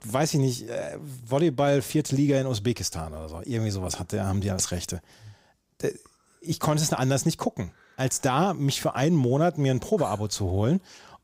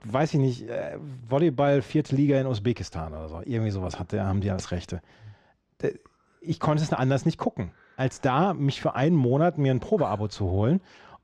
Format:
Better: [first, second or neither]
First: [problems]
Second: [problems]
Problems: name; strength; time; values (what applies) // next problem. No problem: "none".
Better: first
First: none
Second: muffled; slightly; fading above 3 kHz